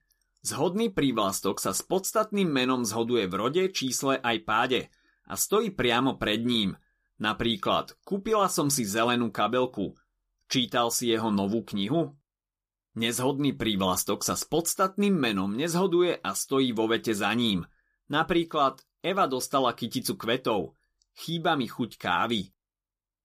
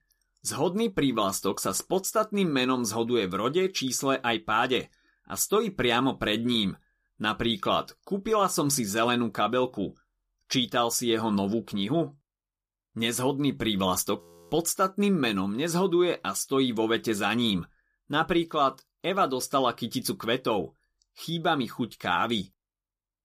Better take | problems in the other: first | audio freezing; at 14 s

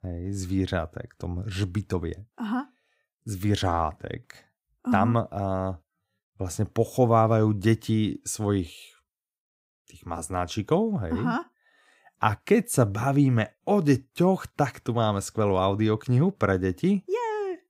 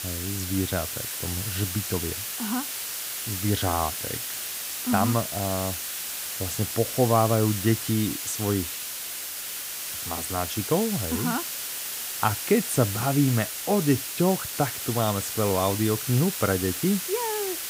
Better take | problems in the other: first | hiss; loud; throughout; 3 dB below the speech

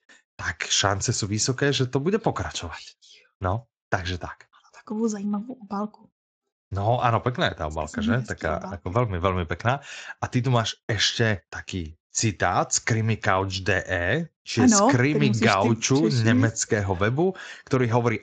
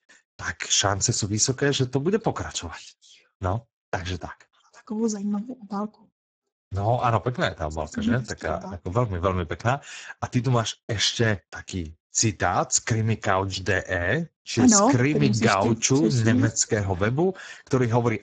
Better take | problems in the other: first | garbled, watery; badly; nothing above 7.5 kHz; slightly in the first

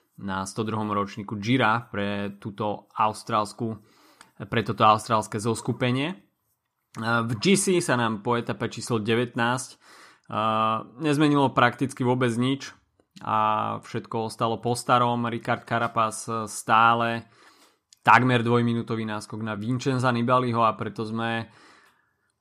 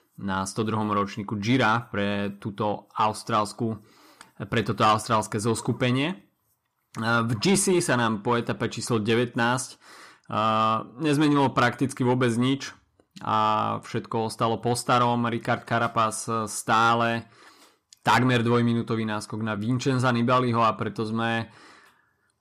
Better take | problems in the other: first | distortion; slight; 10 dB below the speech

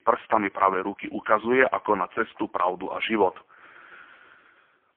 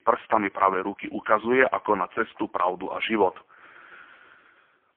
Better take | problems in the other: neither | phone-call audio; poor line; nothing above 3.5 kHz; the same in both

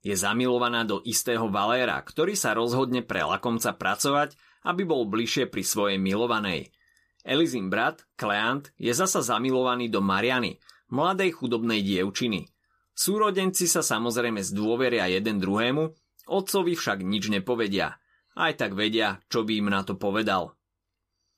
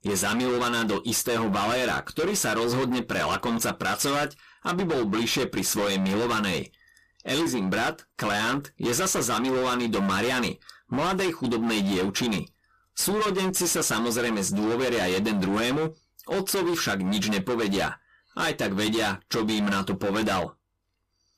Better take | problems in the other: first | distortion; heavy; 32% of the sound clipped

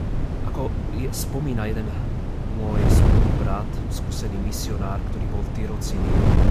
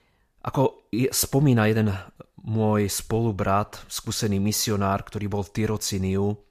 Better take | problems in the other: second | wind noise on the microphone; heavy; 1 dB above the speech

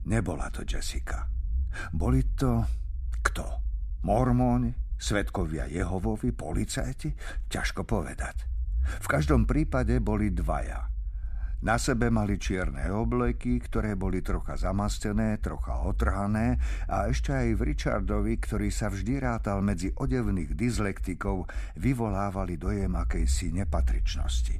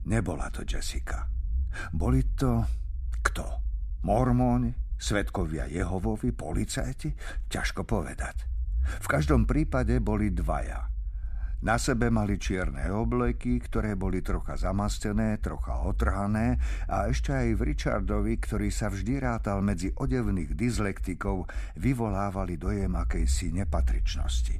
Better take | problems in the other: neither | low rumble; faint; throughout; 25 dB below the speech; the same in both

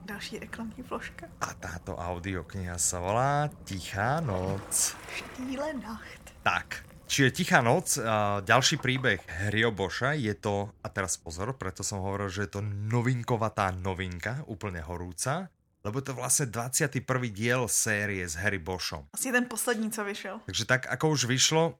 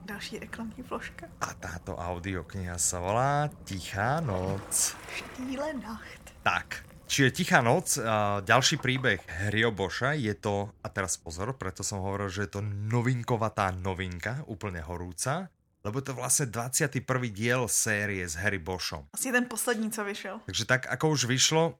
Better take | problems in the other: neither | rain or running water; noticeable; throughout; 20 dB below the speech; the same in both

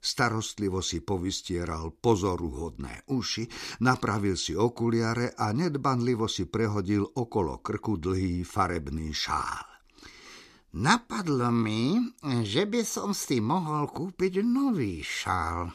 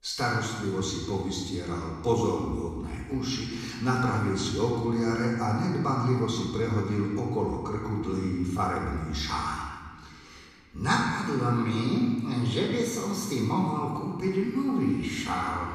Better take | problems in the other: first | off-mic speech; far // room echo; noticeable; dies away in 1.5 s

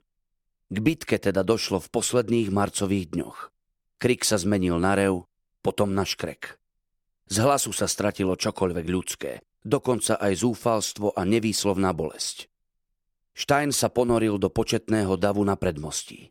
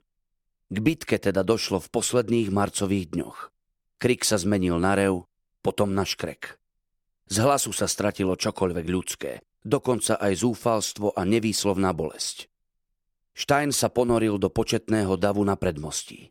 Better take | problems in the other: neither | none

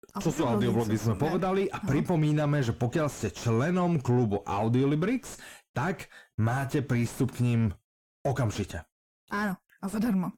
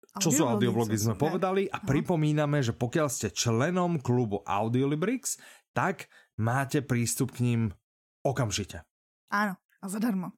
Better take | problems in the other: second | distortion; heavy; 7 dB below the speech

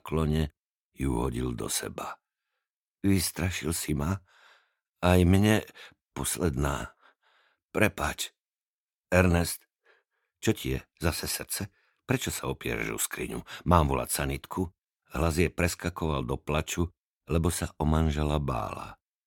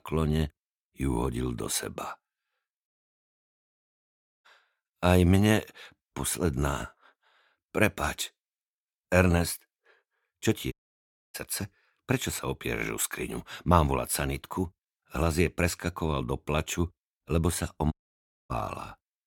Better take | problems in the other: first | audio cutting out; at 3 s for 1.5 s, at 11 s for 0.5 s and at 18 s for 0.5 s

